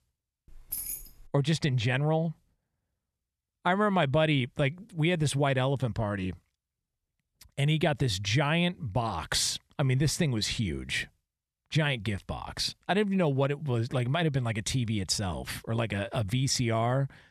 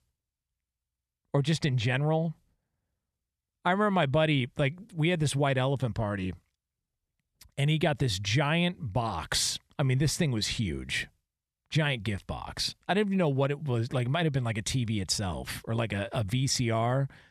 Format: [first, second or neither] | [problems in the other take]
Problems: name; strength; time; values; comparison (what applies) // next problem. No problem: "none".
second | jangling keys; noticeable; at 0.5 s; peak 5 dB below the speech